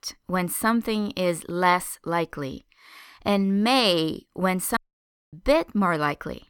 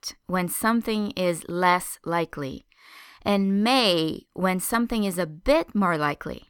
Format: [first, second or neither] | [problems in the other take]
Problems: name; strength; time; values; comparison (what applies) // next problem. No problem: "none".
second | audio cutting out; at 5 s for 0.5 s